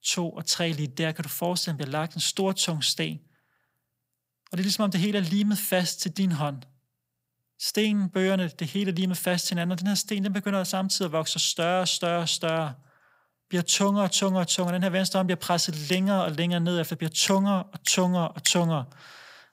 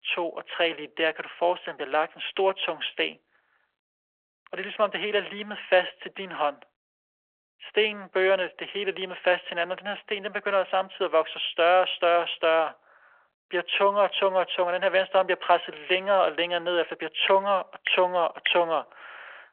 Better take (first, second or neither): first